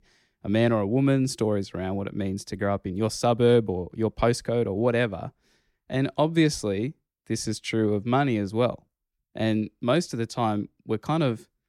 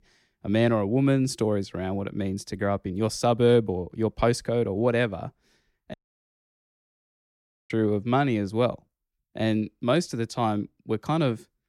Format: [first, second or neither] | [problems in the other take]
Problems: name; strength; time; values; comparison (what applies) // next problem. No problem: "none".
first | audio cutting out; at 6 s for 2 s